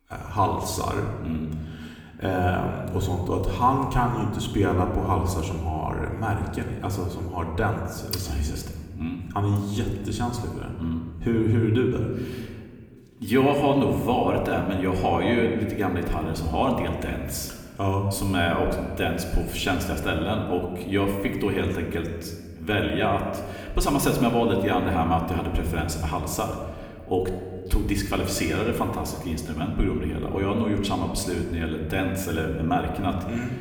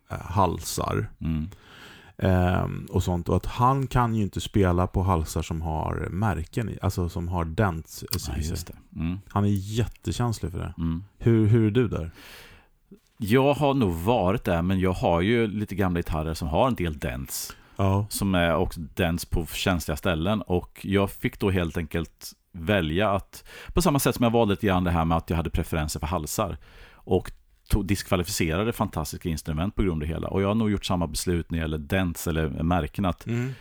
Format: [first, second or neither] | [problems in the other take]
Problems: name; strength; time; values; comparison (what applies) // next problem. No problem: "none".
second | room echo; slight; dies away in 1.3 s // off-mic speech; somewhat distant